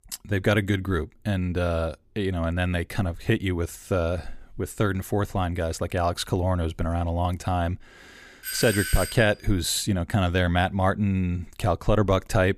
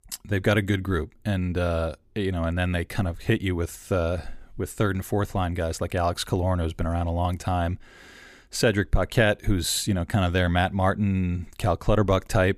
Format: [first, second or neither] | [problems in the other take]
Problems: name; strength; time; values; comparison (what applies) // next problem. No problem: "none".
second | doorbell; noticeable; at 8.5 s; peak 3 dB below the speech